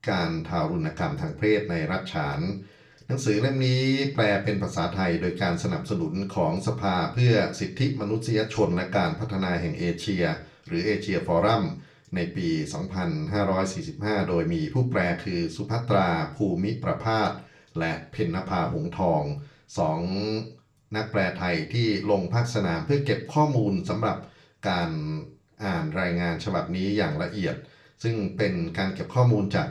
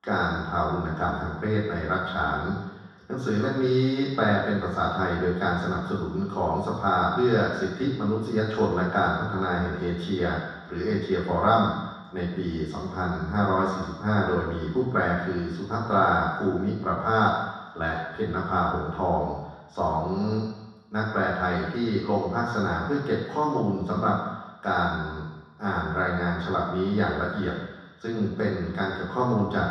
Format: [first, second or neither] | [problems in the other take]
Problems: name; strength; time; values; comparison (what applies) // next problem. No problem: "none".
first | room echo; strong; dies away in 1.2 s; slight in the first // off-mic speech; far; far in the first